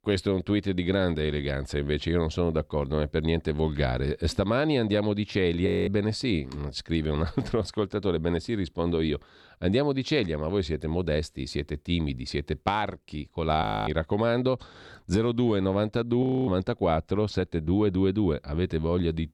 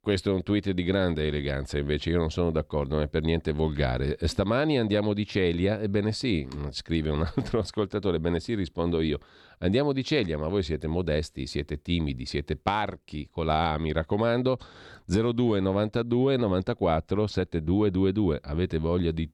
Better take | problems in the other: second | audio freezing; at 5.5 s, at 14 s and at 16 s

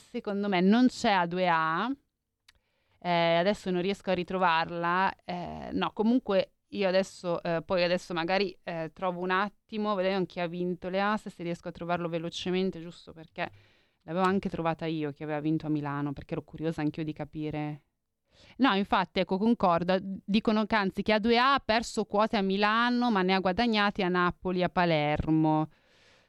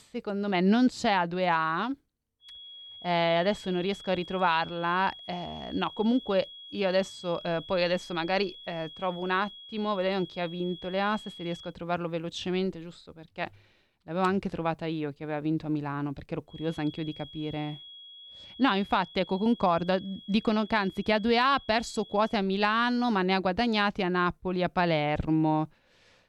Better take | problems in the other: first | high-pitched whine; noticeable; from 2.5 to 12 s and from 17 to 22 s; 3.5 kHz, 15 dB below the speech

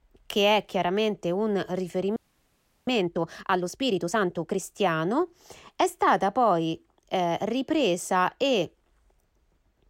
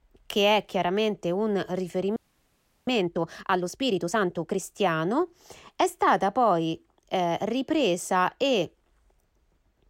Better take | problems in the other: neither | audio freezing; at 2 s for 0.5 s; the same in both

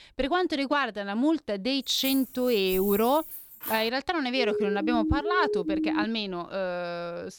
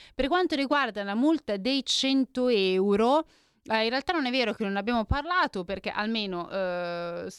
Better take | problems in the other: second | jangling keys; noticeable; from 2 to 4 s; peak 5 dB below the speech // siren; noticeable; from 4.5 to 6 s; peak 1 dB below the speech

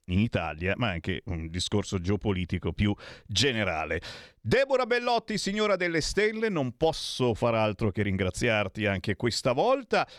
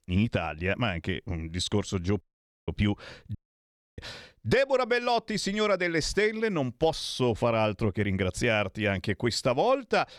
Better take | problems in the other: first | audio cutting out; at 2 s and at 3.5 s for 0.5 s

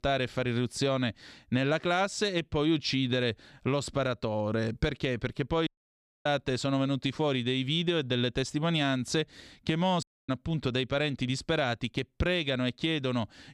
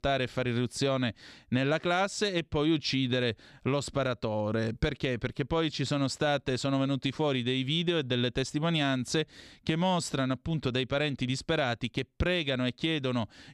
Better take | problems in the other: second | audio cutting out; at 5.5 s for 0.5 s and at 10 s

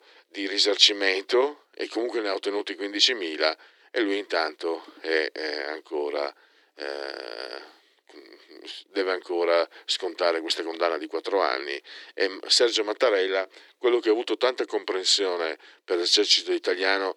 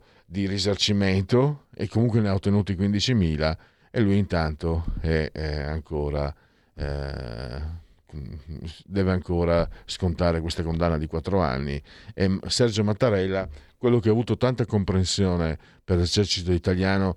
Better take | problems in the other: second | thin; very; fading below 300 Hz

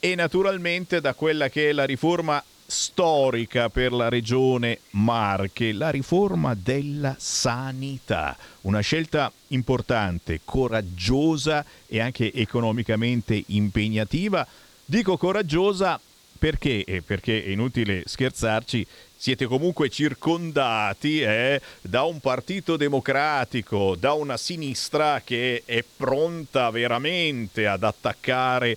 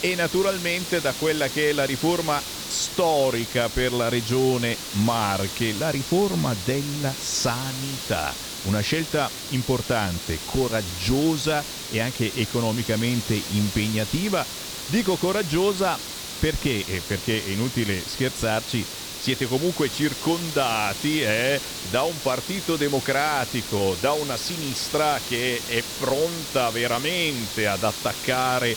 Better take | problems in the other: first | hiss; loud; throughout; 6 dB below the speech; faint in the first

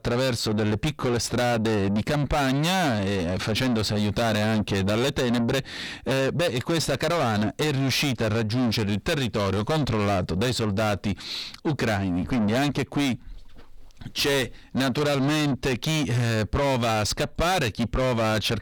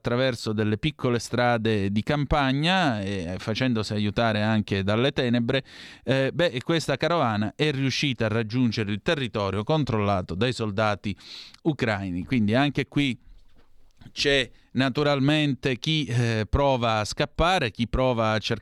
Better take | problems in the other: second | distortion; heavy; 6 dB below the speech

